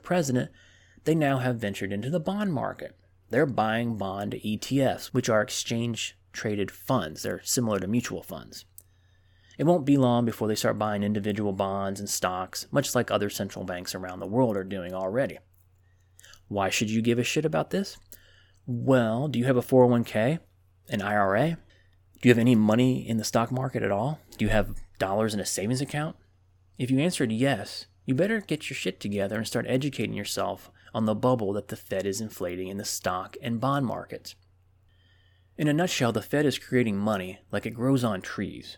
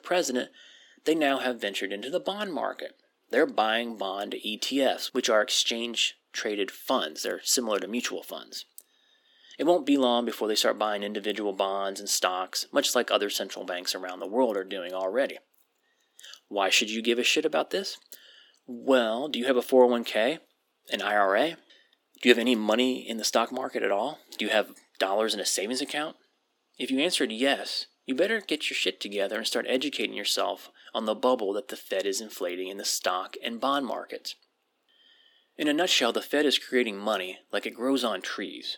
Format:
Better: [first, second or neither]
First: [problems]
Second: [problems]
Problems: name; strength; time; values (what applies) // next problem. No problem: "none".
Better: first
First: none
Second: thin; very slightly; fading below 250 Hz